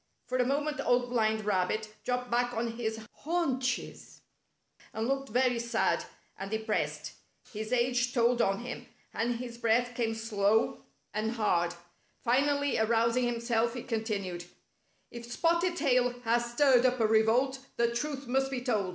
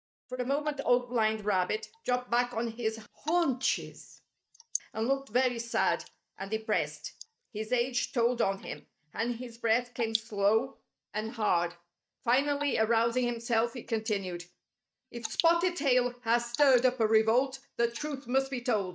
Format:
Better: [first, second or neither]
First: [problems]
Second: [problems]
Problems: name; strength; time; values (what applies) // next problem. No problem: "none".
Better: first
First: none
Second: noise reduction (neural mask model DeepFilterNet 3)